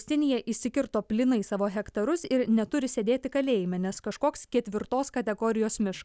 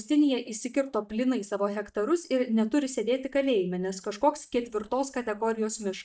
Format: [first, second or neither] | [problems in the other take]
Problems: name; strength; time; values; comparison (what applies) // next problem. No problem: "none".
first | noise reduction (neural mask model DeepFilterNet 3)